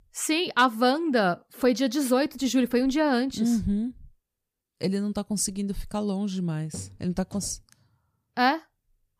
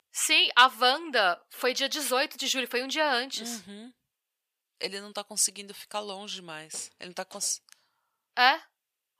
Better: first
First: none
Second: thin; very; fading below 750 Hz

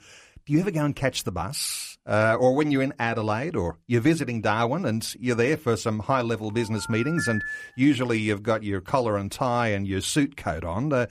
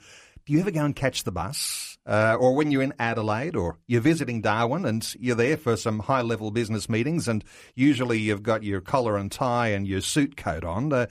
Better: second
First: phone ringing; noticeable; from 6.5 to 7.5 s; peak 4 dB below the speech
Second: none

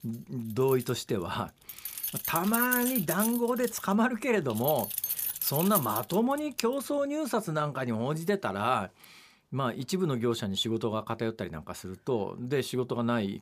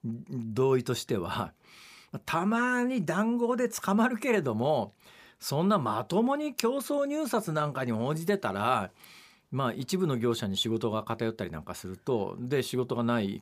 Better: second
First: jangling keys; loud; from 0.5 to 6.5 s; peak 2 dB above the speech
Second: none

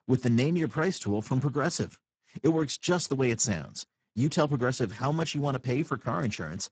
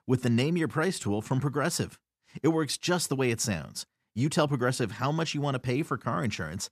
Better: second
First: garbled, watery; badly; nothing above 7.5 kHz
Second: none

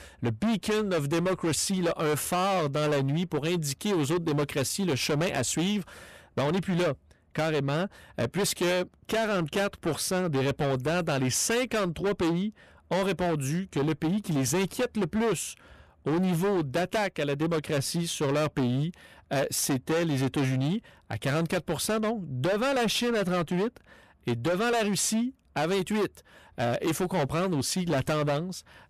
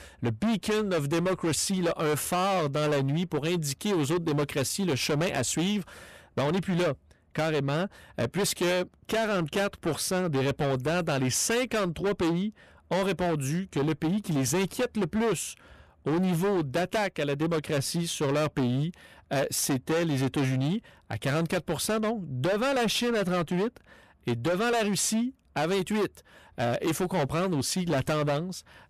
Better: neither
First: distortion; heavy; 22% of the sound clipped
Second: distortion; heavy; 22% of the sound clipped

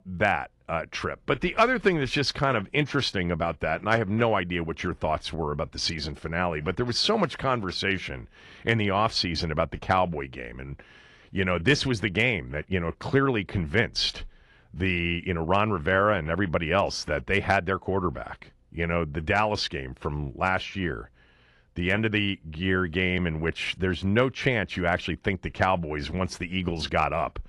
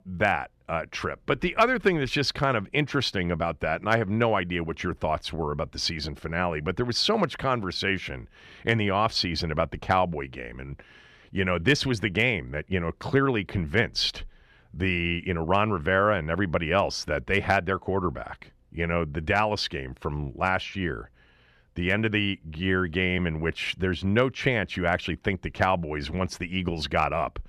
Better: second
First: garbled, watery; slightly; nothing above 11 kHz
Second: none

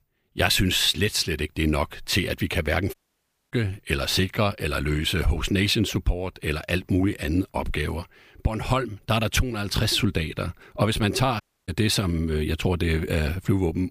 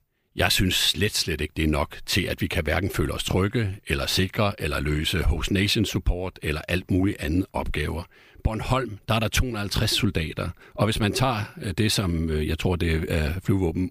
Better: second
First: audio cutting out; at 3 s for 0.5 s and at 11 s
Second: none

